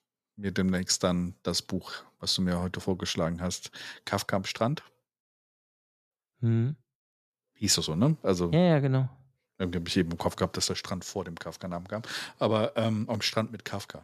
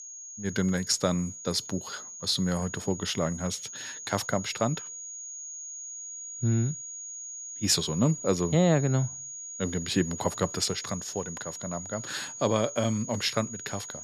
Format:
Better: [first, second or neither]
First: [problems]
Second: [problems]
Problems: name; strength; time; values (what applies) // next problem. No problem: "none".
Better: first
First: none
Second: high-pitched whine; loud; throughout; 6.5 kHz, 9 dB below the speech